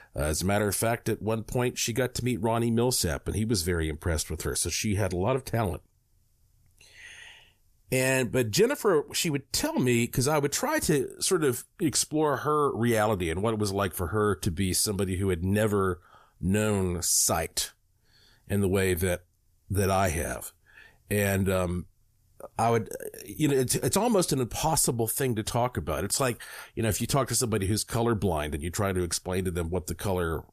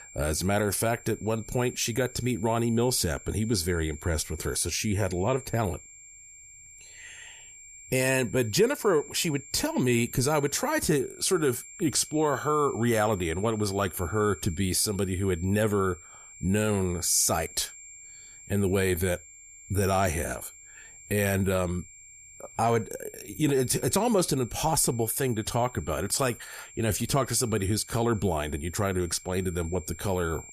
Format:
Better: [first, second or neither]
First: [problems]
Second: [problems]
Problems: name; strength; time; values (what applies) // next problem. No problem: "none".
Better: first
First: none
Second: high-pitched whine; noticeable; throughout; 7.5 kHz, 20 dB below the speech